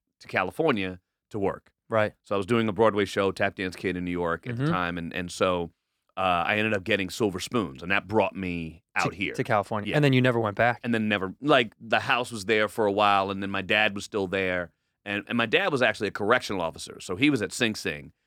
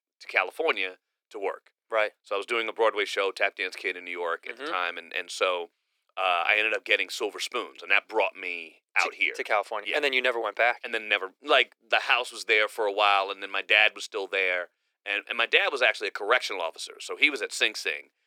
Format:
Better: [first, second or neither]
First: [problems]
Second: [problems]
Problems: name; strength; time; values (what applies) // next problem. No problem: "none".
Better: first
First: none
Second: thin; very; fading below 400 Hz